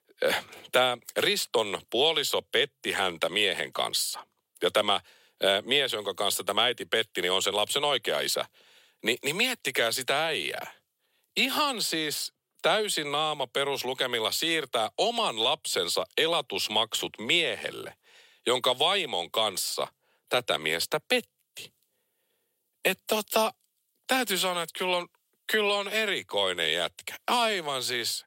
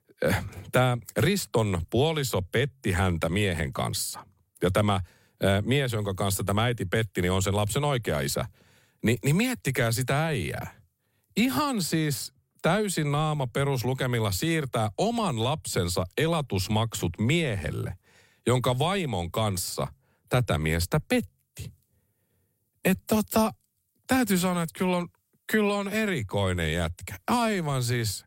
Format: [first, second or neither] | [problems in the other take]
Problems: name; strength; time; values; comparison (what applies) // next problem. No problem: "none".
second | thin; very; fading below 450 Hz